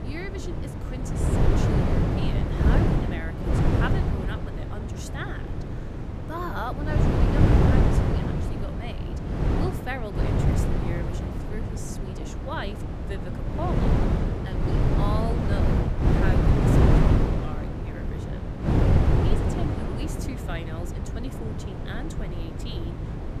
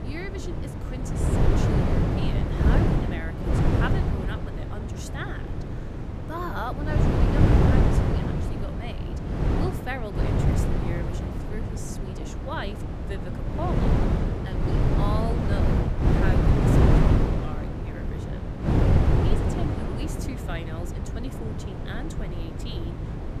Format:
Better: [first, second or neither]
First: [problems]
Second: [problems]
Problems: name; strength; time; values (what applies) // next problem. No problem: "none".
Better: neither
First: wind noise on the microphone; heavy; 5 dB above the speech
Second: wind noise on the microphone; heavy; 5 dB above the speech